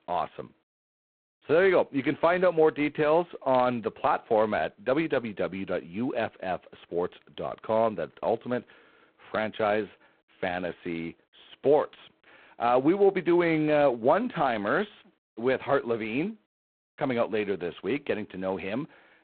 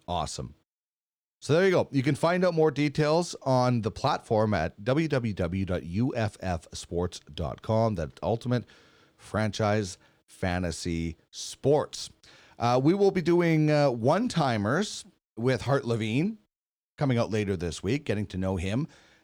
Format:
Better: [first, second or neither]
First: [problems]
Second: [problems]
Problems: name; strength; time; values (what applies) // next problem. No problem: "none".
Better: second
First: phone-call audio; poor line; nothing above 4 kHz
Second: none